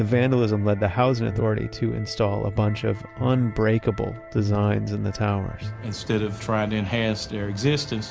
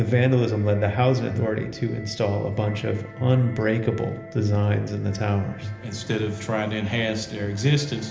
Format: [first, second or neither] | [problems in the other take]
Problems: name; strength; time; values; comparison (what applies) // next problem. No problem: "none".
first | room echo; dies away in 0.8 s